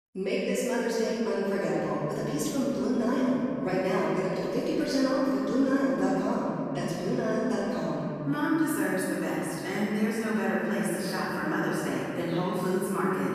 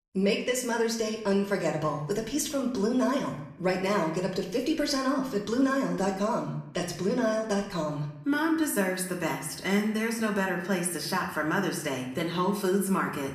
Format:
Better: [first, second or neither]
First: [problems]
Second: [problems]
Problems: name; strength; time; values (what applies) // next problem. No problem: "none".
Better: second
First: room echo; strong; dies away in 3 s // off-mic speech; far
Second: room echo; slight; dies away in 0.7 s // off-mic speech; somewhat distant